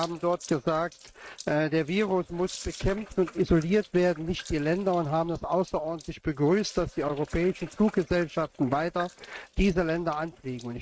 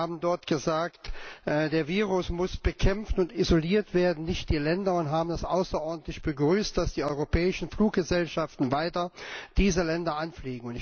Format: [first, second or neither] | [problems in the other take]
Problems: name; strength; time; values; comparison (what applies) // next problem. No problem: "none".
second | noise reduction (neural mask model RNNoise)